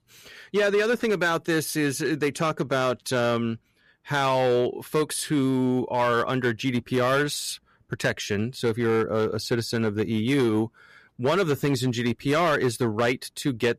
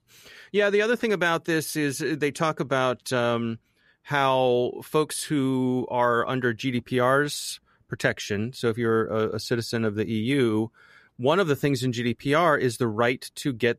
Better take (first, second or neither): second